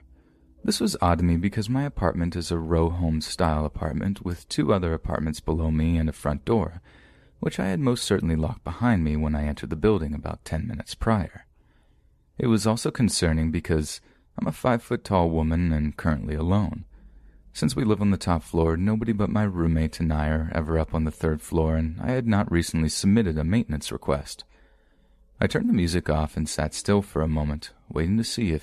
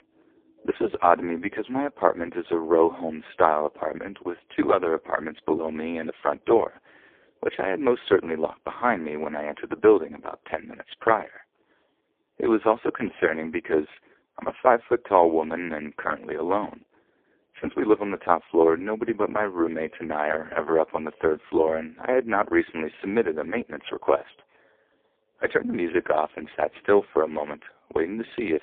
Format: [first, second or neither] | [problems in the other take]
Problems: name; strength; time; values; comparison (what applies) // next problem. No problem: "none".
first | phone-call audio; poor line; nothing above 3.5 kHz